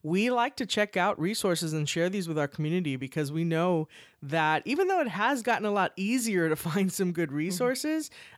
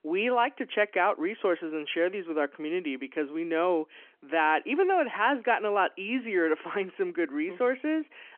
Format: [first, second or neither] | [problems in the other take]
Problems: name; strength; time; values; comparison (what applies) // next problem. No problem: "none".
first | phone-call audio